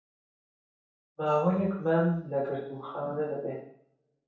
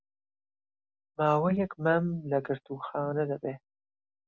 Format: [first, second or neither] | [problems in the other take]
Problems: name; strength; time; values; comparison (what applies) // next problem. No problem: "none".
second | room echo; dies away in 0.7 s